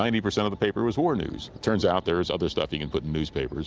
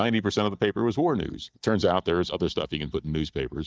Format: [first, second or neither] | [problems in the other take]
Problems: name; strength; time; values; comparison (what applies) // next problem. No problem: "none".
first | noise reduction (neural mask model DeepFilterNet 3)